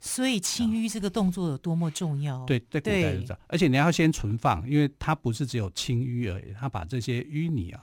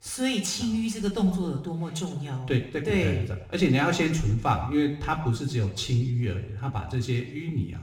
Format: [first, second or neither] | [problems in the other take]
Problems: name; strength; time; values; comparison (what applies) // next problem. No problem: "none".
first | room echo; slight; dies away in 0.7 s